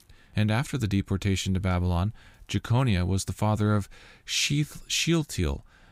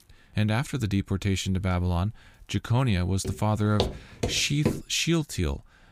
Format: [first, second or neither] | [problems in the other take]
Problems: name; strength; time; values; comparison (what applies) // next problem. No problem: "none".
first | footsteps; noticeable; from 3 to 5 s; peak 3 dB below the speech